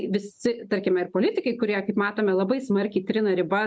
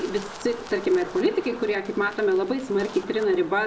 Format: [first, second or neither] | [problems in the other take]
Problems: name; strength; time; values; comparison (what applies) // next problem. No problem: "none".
first | background sound (Wind); 16 dB below the speech // room echo; dies away in 1 s